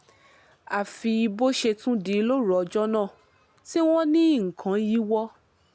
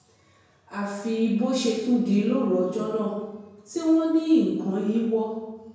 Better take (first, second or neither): first